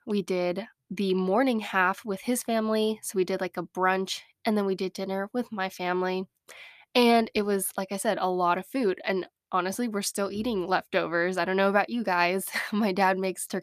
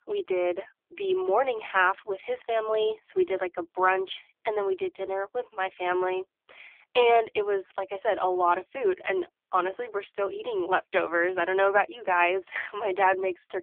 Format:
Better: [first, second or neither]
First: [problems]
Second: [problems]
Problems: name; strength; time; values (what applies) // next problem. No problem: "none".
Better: first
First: none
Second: phone-call audio; poor line; nothing above 3.5 kHz